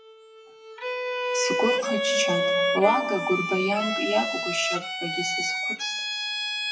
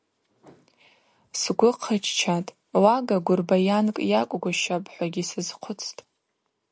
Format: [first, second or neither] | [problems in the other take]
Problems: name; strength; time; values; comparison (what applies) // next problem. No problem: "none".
second | noise reduction (classical method WPE with log-MMSE)